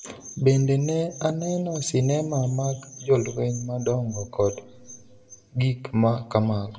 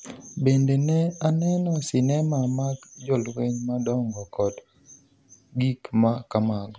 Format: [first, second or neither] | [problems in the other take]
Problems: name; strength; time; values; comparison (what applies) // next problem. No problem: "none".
second | room echo; dies away in 0.7 s